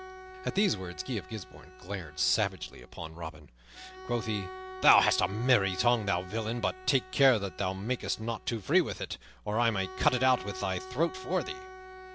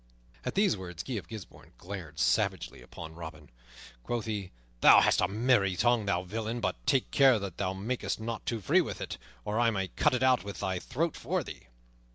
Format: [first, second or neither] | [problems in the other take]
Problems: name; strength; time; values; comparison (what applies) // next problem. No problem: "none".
second | background sound (Bowed string instrument); 15 dB below the speech